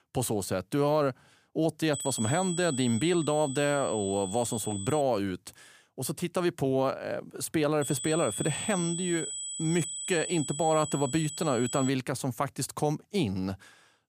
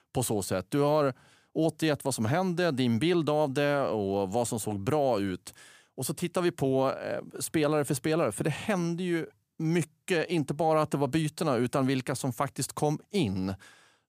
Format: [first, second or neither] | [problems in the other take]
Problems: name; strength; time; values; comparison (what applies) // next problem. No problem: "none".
second | high-pitched whine; loud; from 2 to 5 s and from 8 to 12 s; 8 kHz, 6 dB below the speech